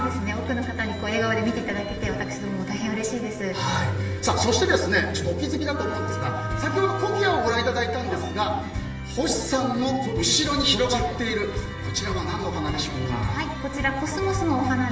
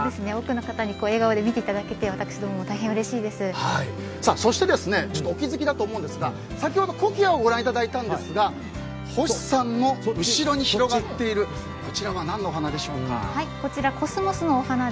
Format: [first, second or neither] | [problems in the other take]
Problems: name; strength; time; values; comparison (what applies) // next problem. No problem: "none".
second | background sound (Wind instrument, woodwind instrument); 9 dB below the speech // room echo; dies away in 0.8 s